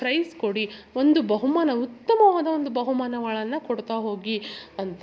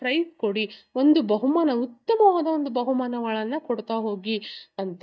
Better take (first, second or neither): first